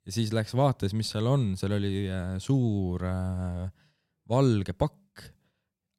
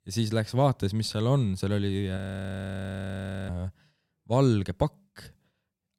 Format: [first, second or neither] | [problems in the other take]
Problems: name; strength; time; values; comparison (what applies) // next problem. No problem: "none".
first | audio freezing; at 2 s for 1.5 s